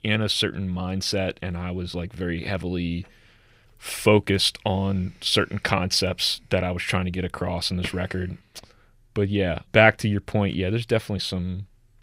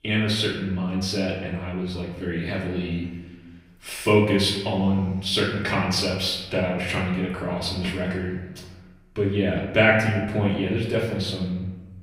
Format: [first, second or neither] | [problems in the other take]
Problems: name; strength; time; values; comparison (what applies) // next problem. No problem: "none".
first | off-mic speech; far // room echo; noticeable; dies away in 1 s